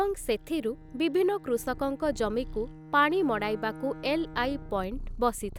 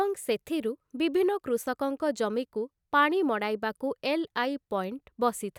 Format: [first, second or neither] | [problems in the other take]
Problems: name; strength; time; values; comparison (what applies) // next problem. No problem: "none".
second | background sound (Purr + Bowed string instrument); 13 dB below the speech